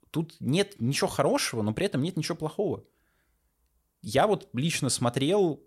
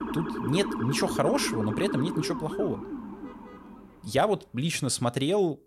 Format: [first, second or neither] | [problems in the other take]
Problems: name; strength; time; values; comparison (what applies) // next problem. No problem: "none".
first | siren; noticeable; until 4 s; peak 3 dB below the speech